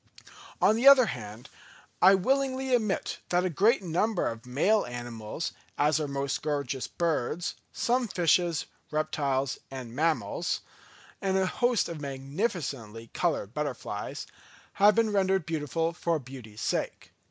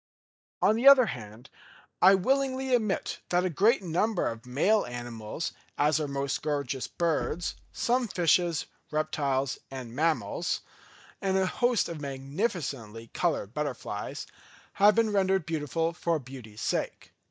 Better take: first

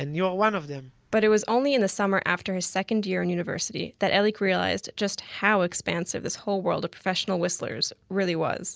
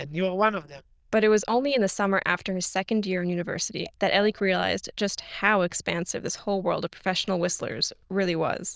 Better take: first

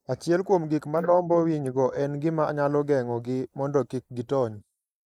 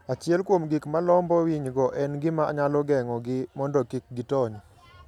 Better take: second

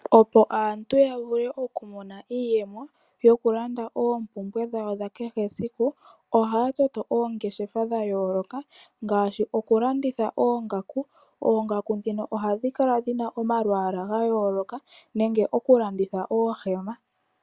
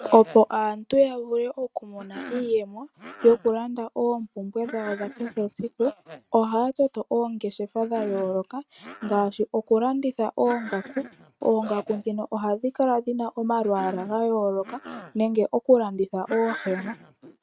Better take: first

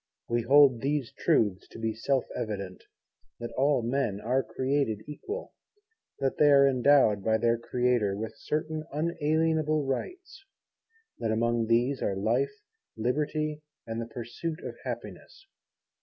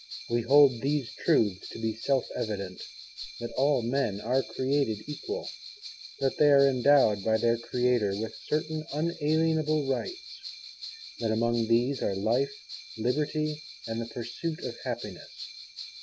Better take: first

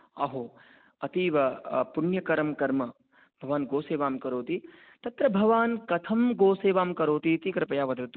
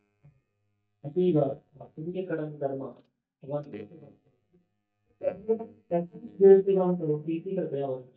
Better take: first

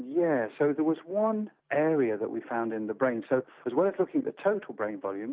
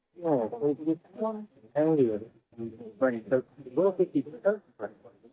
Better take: first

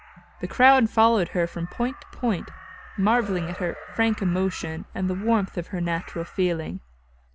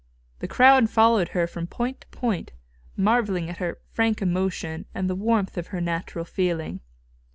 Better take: second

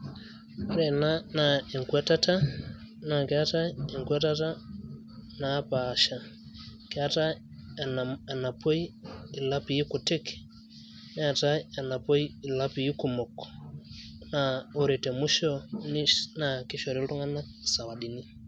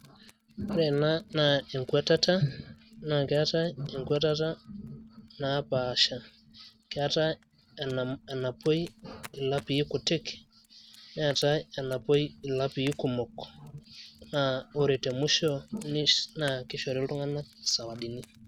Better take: first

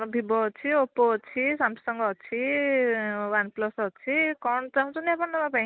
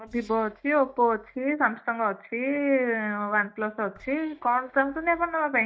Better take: first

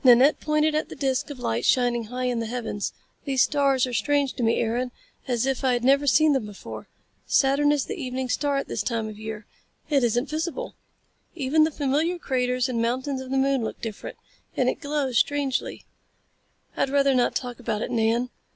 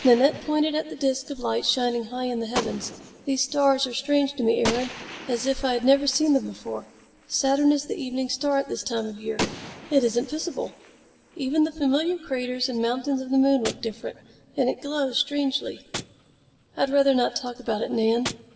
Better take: first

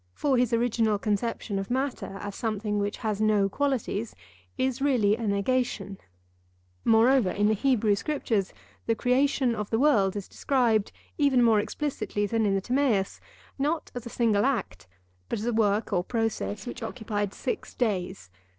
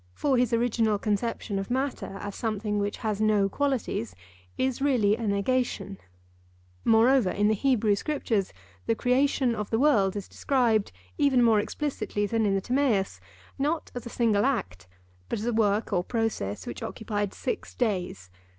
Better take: second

